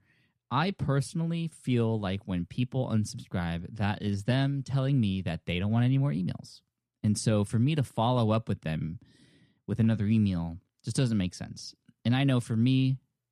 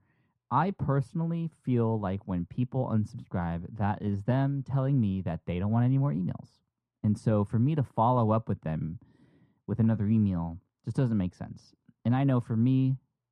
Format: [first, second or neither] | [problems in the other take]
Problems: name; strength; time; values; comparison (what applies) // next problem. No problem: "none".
first | muffled; very; fading above 2 kHz